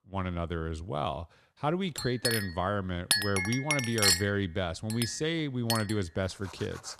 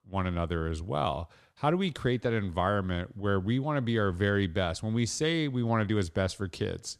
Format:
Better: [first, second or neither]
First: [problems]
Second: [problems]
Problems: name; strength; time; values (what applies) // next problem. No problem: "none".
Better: second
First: household noises; very loud; from 2 s on; 3 dB above the speech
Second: none